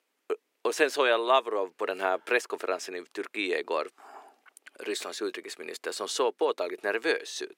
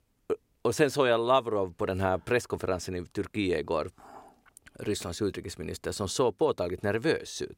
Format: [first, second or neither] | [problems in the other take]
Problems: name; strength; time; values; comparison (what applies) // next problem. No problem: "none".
second | thin; somewhat; fading below 350 Hz